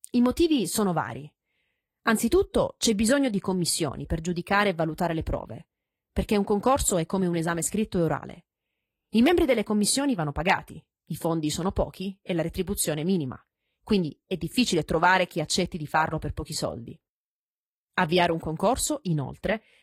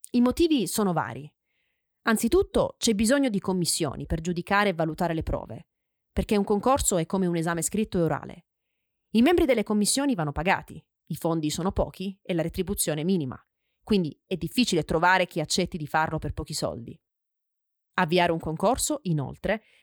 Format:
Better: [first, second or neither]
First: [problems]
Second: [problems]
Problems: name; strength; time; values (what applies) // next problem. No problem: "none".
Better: second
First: garbled, watery; slightly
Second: none